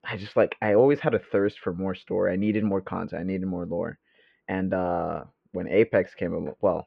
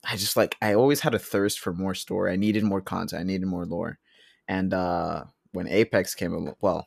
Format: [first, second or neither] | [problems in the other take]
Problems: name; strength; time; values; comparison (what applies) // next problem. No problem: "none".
second | muffled; very; fading above 2.5 kHz